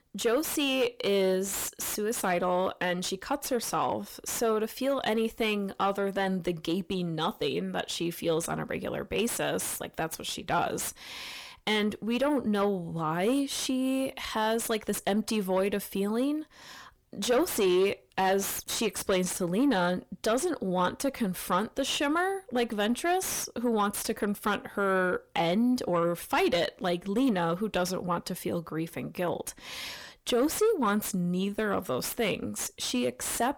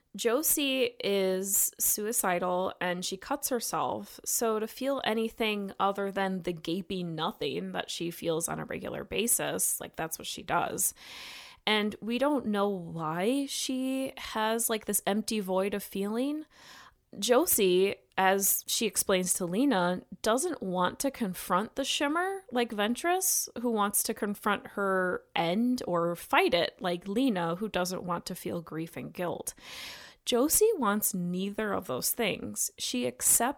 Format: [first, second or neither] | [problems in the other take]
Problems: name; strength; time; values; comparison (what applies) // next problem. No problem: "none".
second | distortion; heavy; 8 dB below the speech